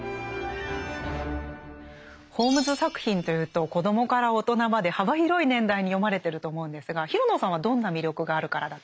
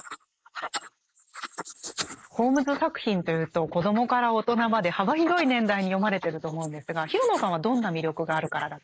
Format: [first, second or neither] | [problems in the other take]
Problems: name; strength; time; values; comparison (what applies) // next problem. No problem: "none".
first | noise reduction (neural mask model Resemble Enhance denoiser)